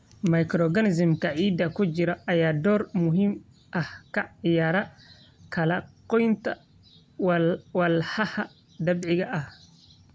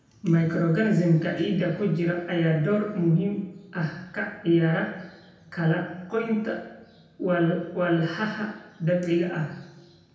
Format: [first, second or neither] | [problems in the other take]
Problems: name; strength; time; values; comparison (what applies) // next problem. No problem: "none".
first | room echo; dies away in 0.9 s